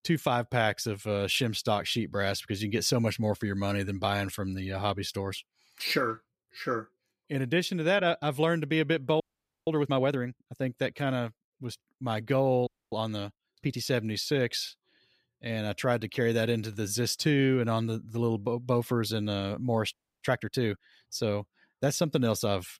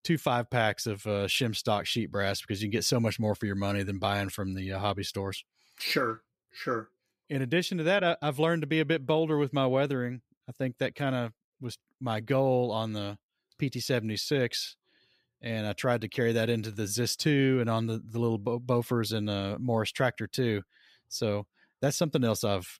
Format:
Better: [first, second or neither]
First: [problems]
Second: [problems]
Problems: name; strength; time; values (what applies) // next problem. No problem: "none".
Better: second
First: audio freezing; at 9 s, at 13 s and at 20 s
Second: none